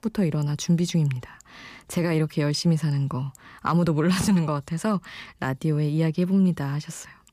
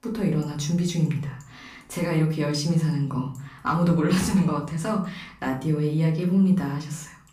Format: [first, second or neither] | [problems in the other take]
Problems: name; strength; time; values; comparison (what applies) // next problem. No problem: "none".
first | room echo; slight; dies away in 0.4 s // off-mic speech; far